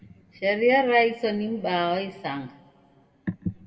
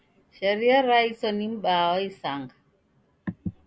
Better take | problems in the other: second | room echo; dies away in 1.2 s

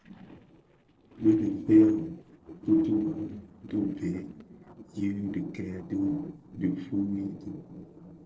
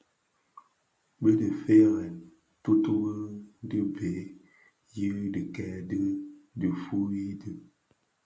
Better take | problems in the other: second | noise reduction (neural separator model SepFormer DNS4)

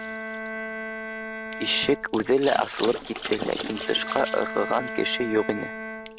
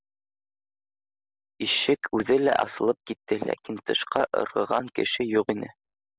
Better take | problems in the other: second | background sound (Water / Splash, splatter + Bowed string instrument); 7 dB below the speech

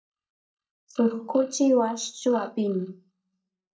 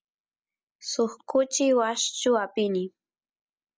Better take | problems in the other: second | noise reduction (neural mask model DeepFilterNet 3)

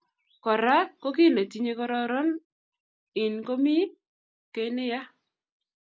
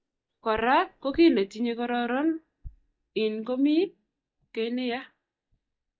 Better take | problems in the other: first | noise reduction (neural mask model DeepFilterNet 3)

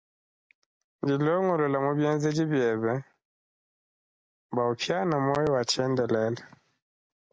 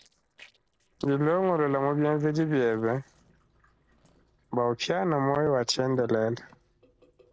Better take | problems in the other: first | noise reduction (neural separator model SepFormer DNS4)

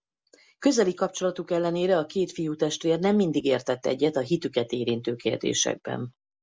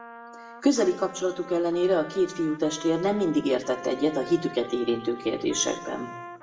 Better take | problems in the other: first | background sound (Trumpet); 16 dB below the speech // room echo; dies away in 0.7 s

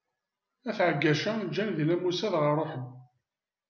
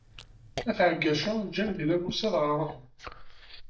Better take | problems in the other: first | noise reduction (neural mask model DeepFilterNet 3)

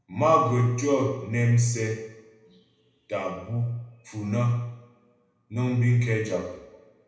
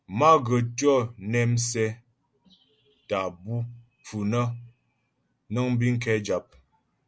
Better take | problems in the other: second | room echo; dies away in 0.9 s

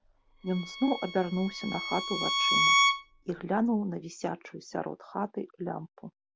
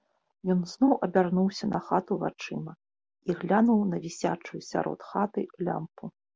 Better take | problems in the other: second | background sound (Bowed string instrument); 3 dB above the speech

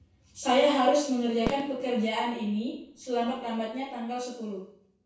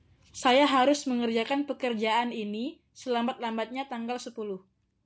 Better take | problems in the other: second | background sound (Fireworks); 12 dB below the speech // room echo; dies away in 0.6 s

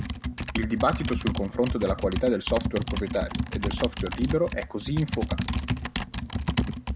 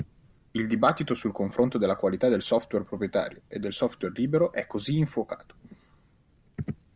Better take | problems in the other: second | background sound (Computer keyboard); 1 dB below the speech

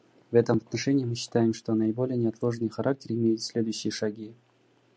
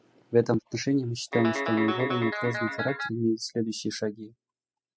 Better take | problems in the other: first | noise reduction (classical method spectral subtraction)

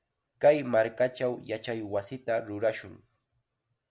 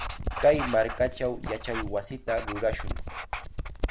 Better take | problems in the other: first | background sound (Writing); 5 dB below the speech

